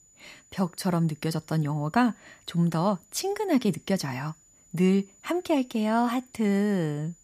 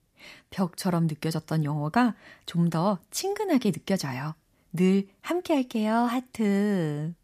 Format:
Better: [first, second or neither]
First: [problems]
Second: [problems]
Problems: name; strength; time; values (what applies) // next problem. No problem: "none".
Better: second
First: high-pitched whine; faint; throughout; 7 kHz, 30 dB below the speech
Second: none